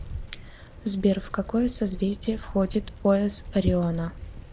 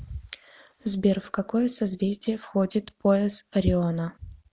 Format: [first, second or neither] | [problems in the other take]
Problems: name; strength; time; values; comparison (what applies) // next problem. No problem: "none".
second | background sound (Bicycle); 13 dB below the speech